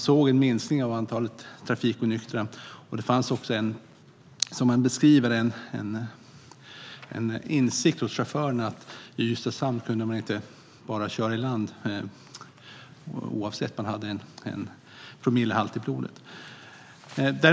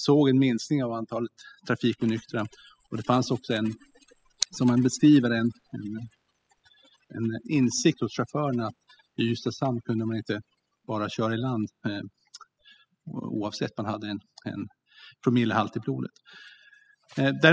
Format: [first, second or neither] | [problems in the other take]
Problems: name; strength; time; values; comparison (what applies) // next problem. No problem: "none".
first | noise reduction (classical method spectral subtraction)